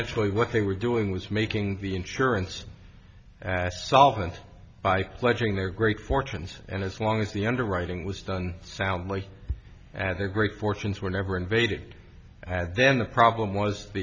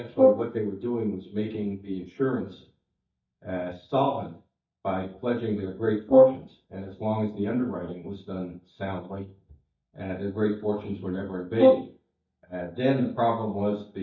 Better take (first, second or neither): first